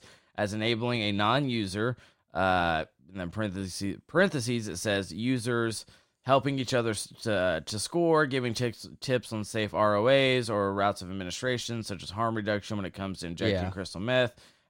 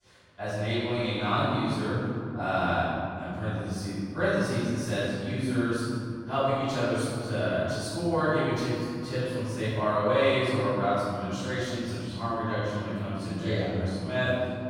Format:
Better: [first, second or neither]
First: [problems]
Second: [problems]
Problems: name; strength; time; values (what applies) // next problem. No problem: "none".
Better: first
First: none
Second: room echo; strong; dies away in 3 s // off-mic speech; far